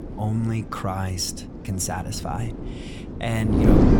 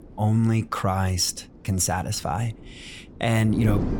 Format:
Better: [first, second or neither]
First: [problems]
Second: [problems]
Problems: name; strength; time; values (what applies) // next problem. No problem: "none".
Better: second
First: wind noise on the microphone; heavy; 1 dB above the speech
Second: wind noise on the microphone; occasional gusts; 15 dB below the speech